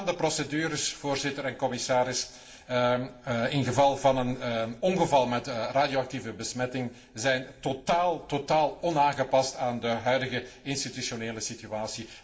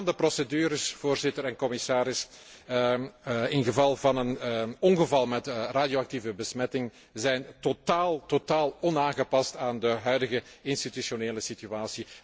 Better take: second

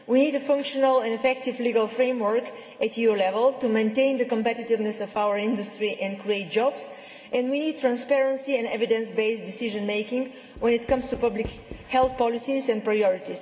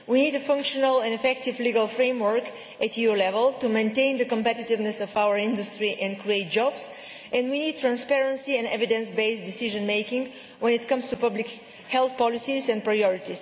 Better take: second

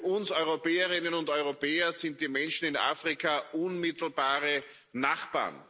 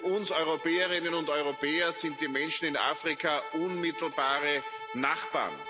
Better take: first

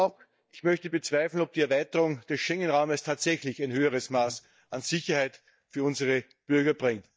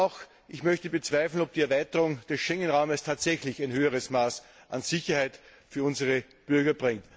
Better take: second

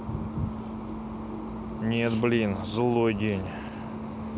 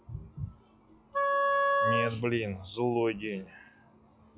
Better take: first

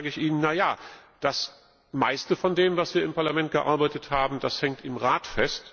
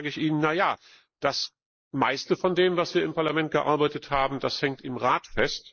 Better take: first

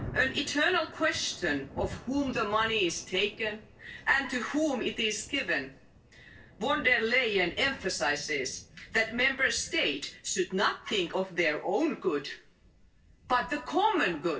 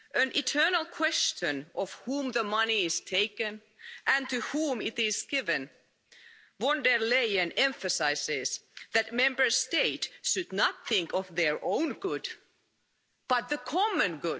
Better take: second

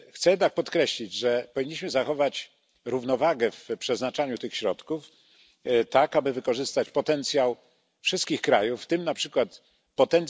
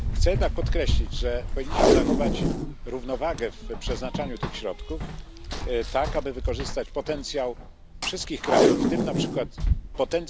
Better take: first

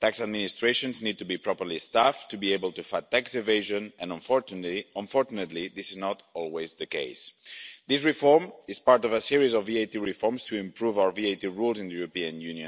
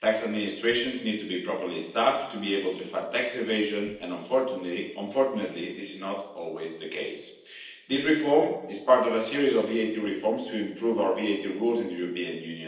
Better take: first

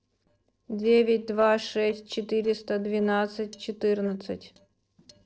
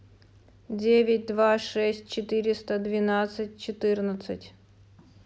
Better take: second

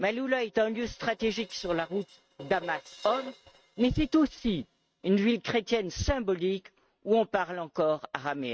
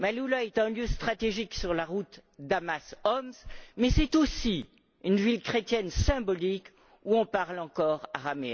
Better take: second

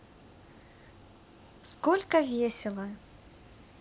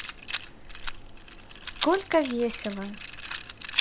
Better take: first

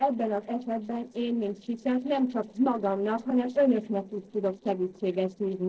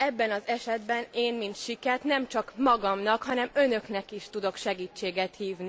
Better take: second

